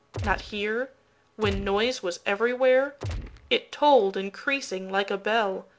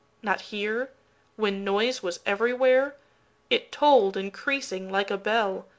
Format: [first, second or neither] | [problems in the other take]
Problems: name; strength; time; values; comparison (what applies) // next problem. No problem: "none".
second | background sound (Gunshot, gunfire); 8 dB below the speech